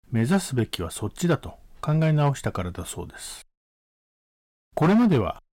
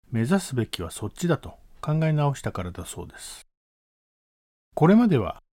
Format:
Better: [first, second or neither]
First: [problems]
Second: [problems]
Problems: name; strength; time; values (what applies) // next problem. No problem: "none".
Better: second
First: distortion; slight; 4% of the sound clipped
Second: none